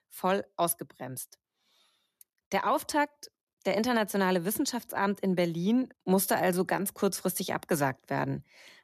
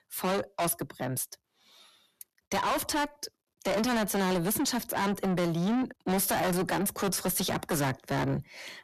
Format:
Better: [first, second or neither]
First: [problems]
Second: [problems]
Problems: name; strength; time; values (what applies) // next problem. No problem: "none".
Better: first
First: none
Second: distortion; heavy; 6 dB below the speech